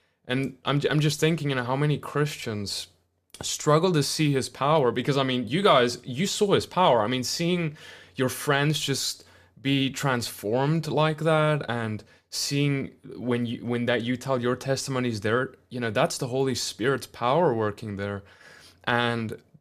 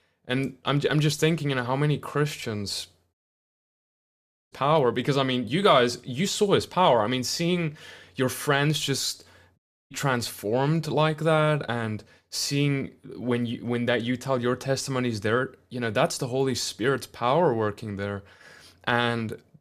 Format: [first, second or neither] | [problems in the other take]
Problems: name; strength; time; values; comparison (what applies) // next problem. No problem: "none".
first | audio cutting out; at 3 s for 1.5 s and at 9.5 s